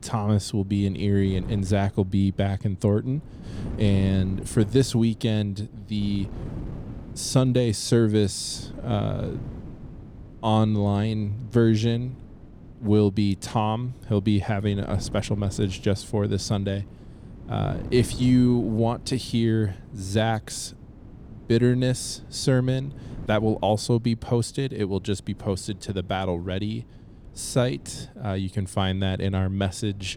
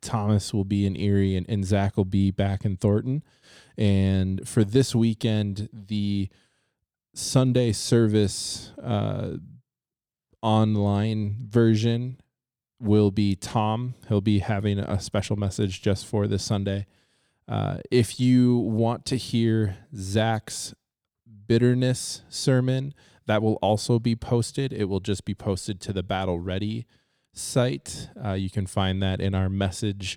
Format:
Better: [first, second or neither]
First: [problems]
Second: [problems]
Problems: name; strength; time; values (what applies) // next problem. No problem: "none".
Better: second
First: wind noise on the microphone; occasional gusts; 20 dB below the speech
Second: none